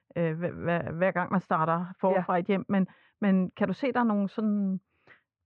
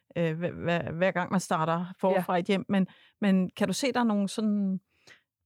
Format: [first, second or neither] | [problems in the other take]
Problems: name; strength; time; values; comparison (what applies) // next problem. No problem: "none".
second | muffled; very; fading above 2.5 kHz